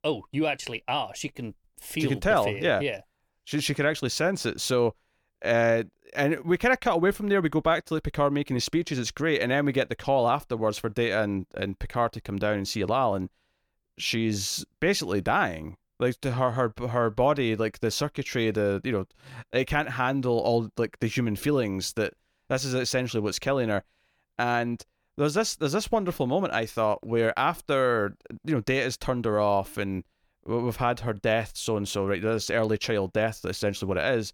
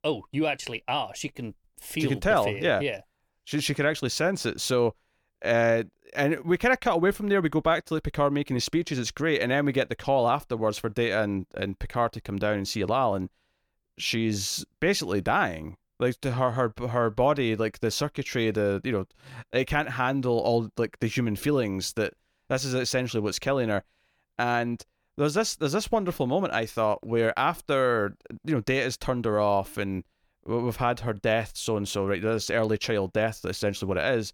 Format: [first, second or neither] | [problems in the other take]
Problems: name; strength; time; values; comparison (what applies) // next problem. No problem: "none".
neither | none